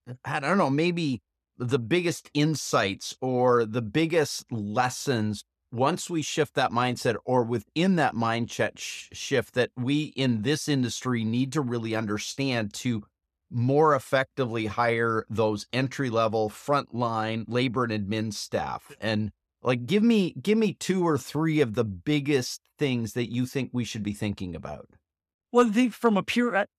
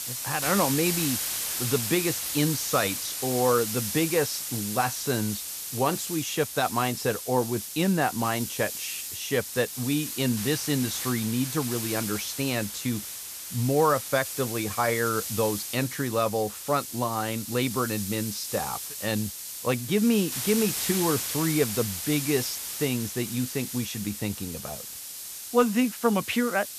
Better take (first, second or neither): first